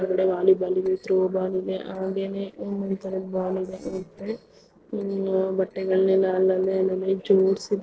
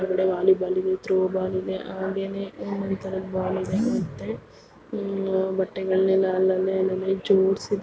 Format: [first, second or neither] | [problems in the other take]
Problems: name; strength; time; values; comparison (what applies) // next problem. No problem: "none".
second | noise reduction (neural separator model SepFormer DNS4)